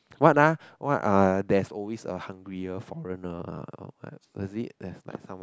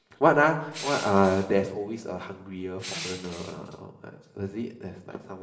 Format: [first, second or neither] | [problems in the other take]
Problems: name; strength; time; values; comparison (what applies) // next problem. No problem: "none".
first | background sound (Crushing); 14 dB below the speech // room echo; dies away in 0.8 s